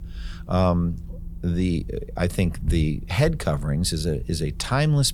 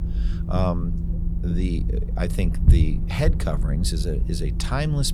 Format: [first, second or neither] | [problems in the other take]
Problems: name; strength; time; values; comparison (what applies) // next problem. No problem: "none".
first | low rumble; loud; throughout; 9 dB below the speech; faint in the first